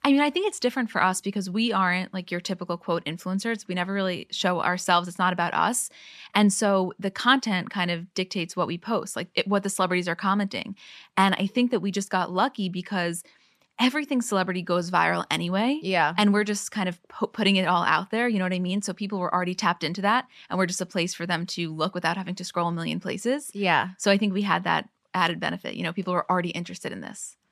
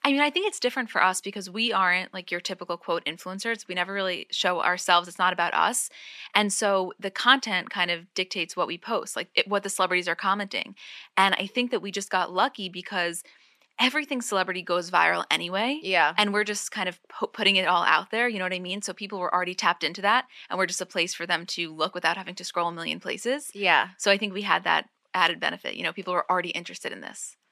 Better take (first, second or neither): first